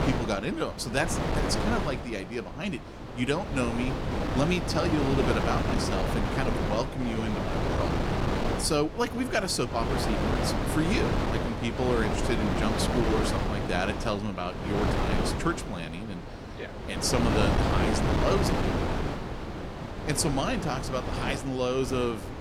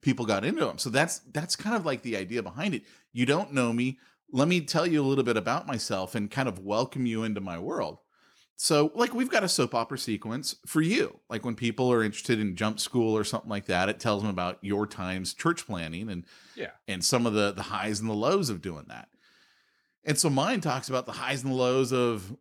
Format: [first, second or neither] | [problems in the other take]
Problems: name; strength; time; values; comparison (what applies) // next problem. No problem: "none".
second | wind noise on the microphone; heavy; 1 dB below the speech